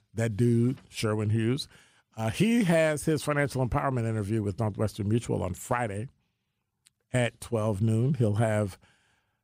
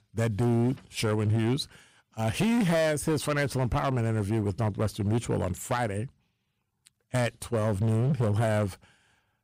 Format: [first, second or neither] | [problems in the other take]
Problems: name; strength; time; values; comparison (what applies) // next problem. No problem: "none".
first | distortion; slight; 13% of the sound clipped